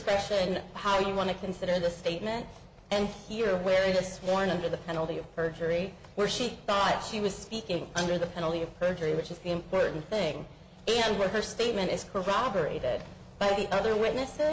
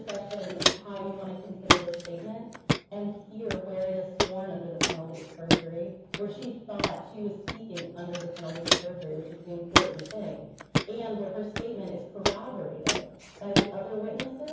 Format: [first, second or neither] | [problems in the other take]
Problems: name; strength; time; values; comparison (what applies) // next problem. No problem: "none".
first | background sound (Walk, footsteps); 4 dB above the speech // room echo; dies away in 0.9 s